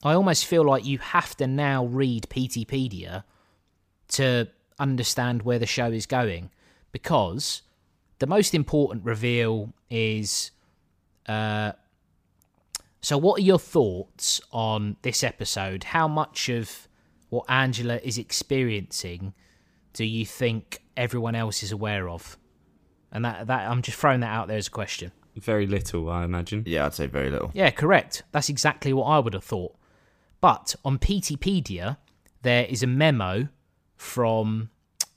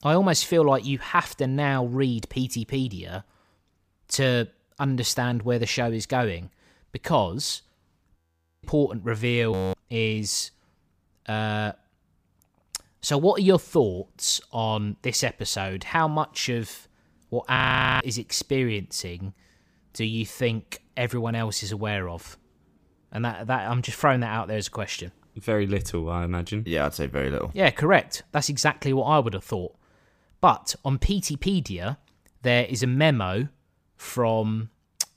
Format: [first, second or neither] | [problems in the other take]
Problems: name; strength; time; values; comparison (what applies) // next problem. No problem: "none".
first | audio freezing; at 8 s, at 9.5 s and at 18 s